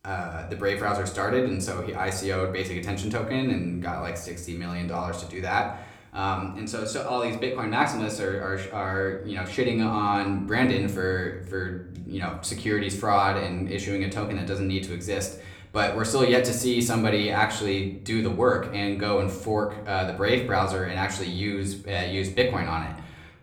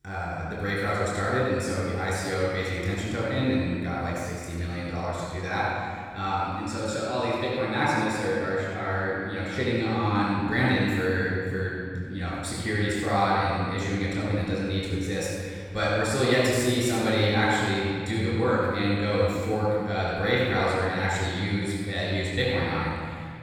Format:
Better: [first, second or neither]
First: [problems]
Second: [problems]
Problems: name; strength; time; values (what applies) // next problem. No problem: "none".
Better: first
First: room echo; slight; dies away in 0.6 s // off-mic speech; somewhat distant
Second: room echo; strong; dies away in 2.2 s // off-mic speech; far